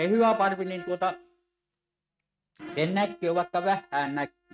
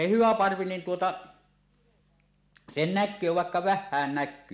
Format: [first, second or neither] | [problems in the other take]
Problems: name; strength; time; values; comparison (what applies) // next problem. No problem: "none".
second | noise reduction (neural mask model RNNoise)